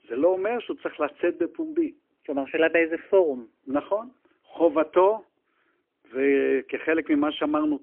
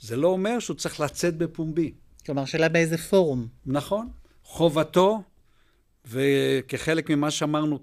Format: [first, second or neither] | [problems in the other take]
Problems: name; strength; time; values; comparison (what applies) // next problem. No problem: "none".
second | phone-call audio; poor line; nothing above 3 kHz